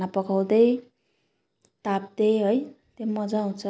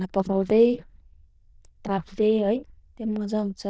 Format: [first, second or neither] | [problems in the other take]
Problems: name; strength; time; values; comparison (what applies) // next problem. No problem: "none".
first | noise reduction (neural diffusion model UNIVERSE++)